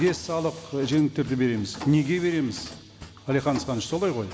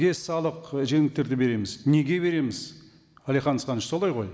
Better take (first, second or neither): second